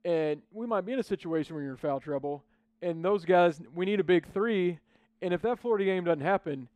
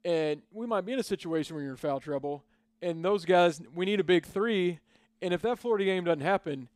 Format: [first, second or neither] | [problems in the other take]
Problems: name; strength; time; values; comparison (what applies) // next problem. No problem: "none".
second | muffled; slightly; fading above 3 kHz